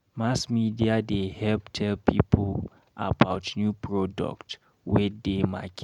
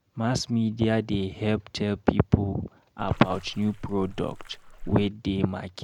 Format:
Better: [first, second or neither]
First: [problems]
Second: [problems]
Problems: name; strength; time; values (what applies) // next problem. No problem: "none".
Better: first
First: none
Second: background sound (Splash, splatter); 14 dB below the speech